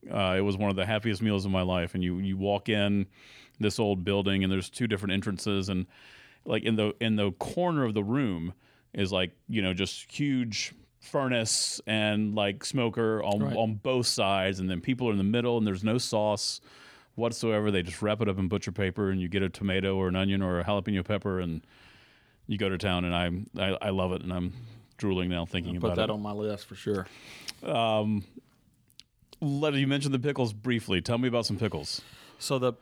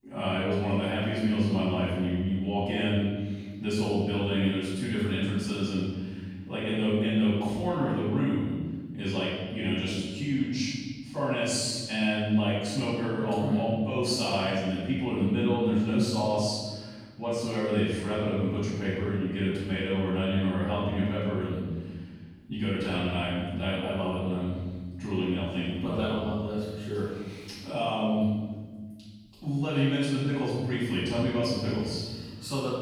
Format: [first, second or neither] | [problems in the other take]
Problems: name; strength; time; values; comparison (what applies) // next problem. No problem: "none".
first | off-mic speech; far // room echo; strong; dies away in 1.4 s